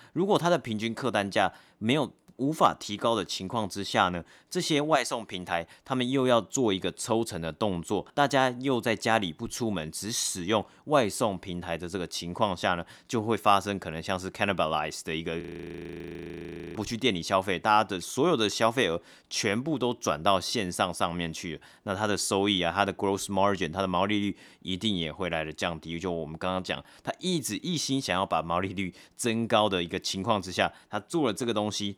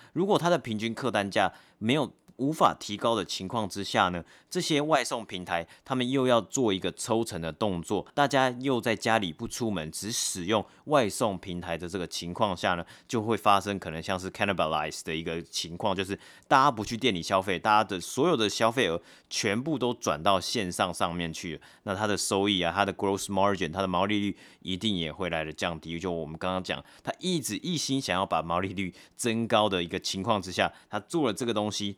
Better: second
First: audio freezing; at 15 s for 1.5 s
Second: none

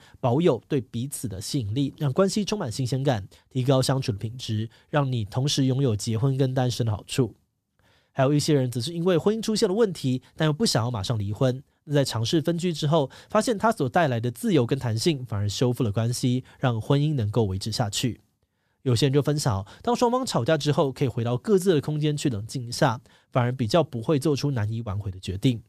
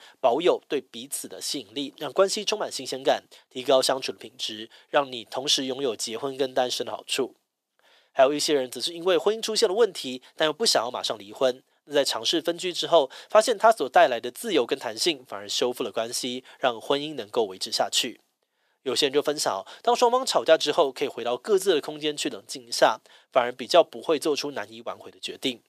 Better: first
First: none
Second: thin; very; fading below 400 Hz

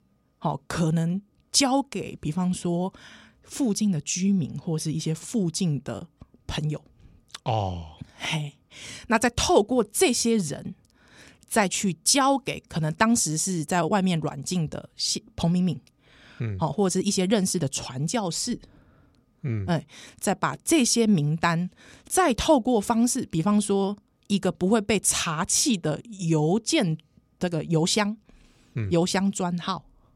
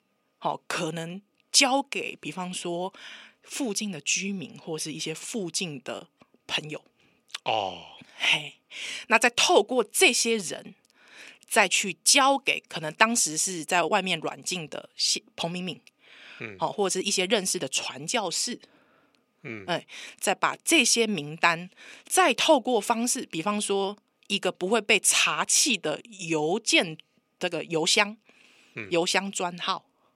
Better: first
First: none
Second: thin; somewhat; fading below 350 Hz

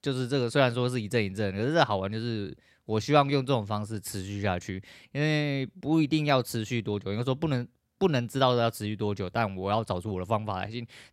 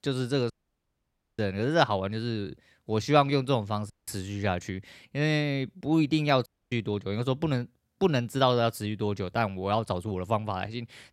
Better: first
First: none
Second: audio cutting out; at 0.5 s for 1 s, at 4 s and at 6.5 s

